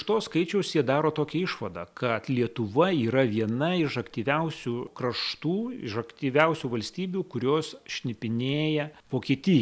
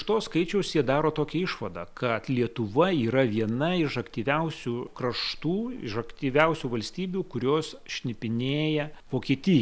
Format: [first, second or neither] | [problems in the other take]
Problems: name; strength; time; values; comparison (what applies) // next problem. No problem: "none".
first | background sound (Walk, footsteps); 19 dB below the speech